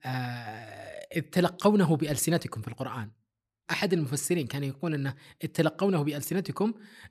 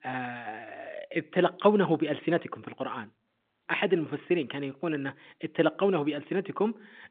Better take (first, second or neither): first